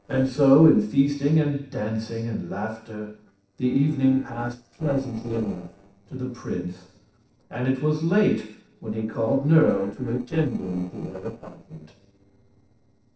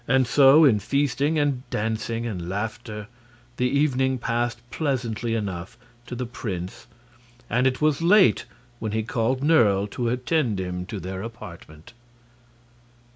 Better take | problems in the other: second | noise reduction (neural separator model SepFormer DNS4)

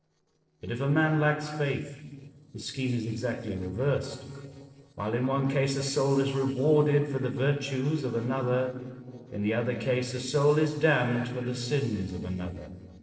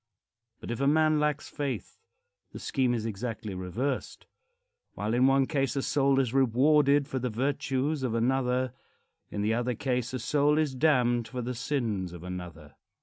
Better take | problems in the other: second | noise reduction (neural separator model SepFormer DNS4)

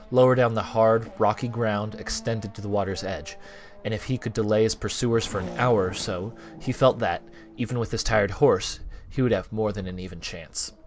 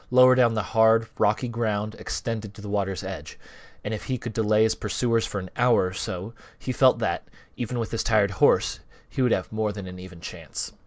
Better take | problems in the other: second | background sound (Race car, auto racing / Accelerating, revving, vroom); 18 dB below the speech

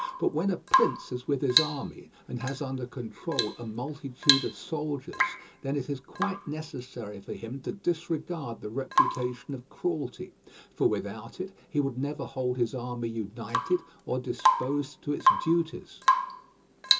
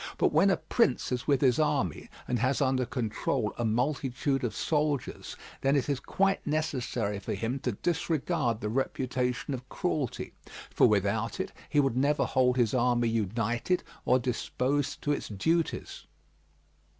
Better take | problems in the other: second | background sound (Drip / Water tap, faucet / Rain); 1 dB below the speech // room echo; dies away in 0.2 s

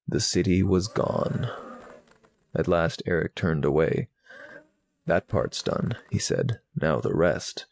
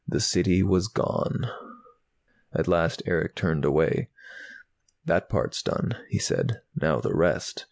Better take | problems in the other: second | noise reduction (neural mask model RNNoise)

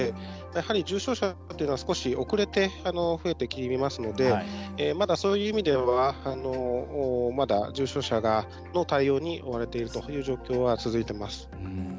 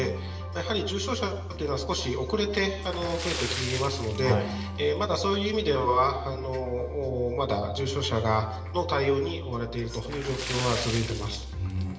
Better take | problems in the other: first | background sound (Splash, splatter); 14 dB below the speech // room echo; dies away in 1.1 s

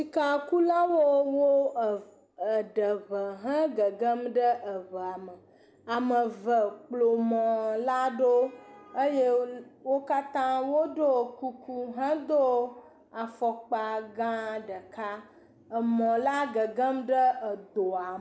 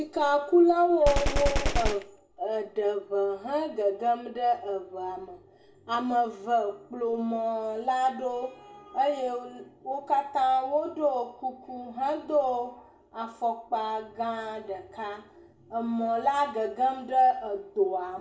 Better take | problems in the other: first | background sound (Gunshot, gunfire); as loud as the speech // room echo; dies away in 0.1 s

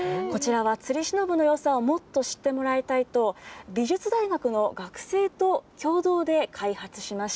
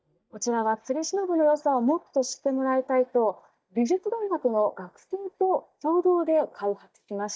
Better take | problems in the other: first | noise reduction (neural mask model DeepFilterNet 3)

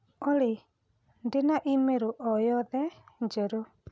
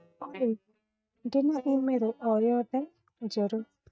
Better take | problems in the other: first | noise reduction (neural mask model DeepFilterNet 3)

